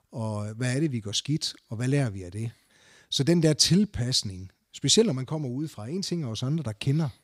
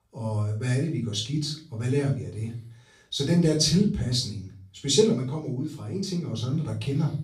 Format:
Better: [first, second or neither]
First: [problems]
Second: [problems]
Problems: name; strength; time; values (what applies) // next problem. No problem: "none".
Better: first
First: none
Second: off-mic speech; far // room echo; slight; dies away in 0.4 s